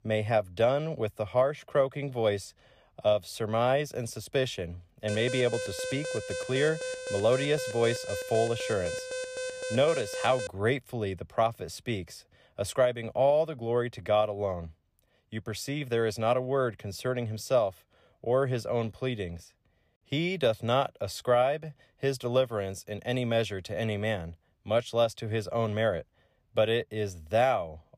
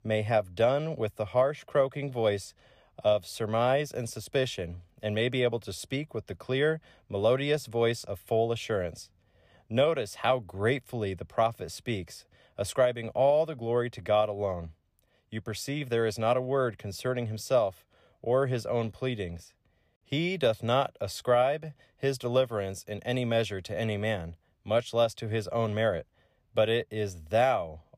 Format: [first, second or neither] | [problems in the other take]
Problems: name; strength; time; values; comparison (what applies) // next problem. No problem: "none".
second | alarm; noticeable; from 5 to 10 s; peak 5 dB below the speech